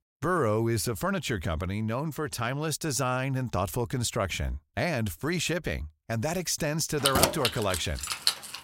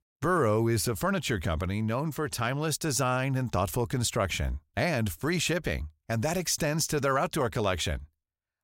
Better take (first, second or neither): second